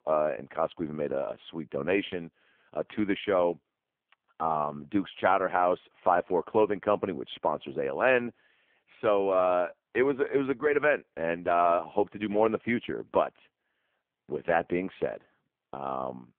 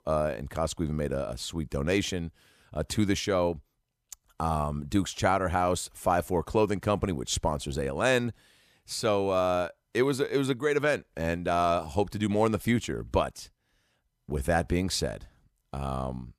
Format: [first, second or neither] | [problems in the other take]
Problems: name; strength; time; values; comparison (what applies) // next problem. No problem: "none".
second | phone-call audio; poor line; nothing above 3.5 kHz